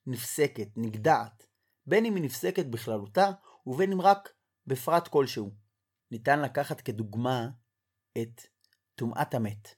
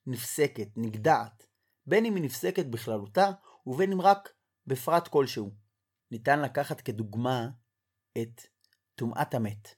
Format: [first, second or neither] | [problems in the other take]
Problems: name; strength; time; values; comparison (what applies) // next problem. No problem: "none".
neither | none